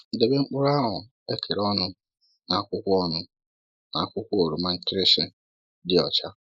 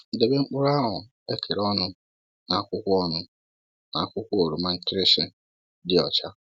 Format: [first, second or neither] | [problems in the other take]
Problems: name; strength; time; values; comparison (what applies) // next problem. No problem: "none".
second | noise reduction (neural mask model Resemble Enhance denoiser)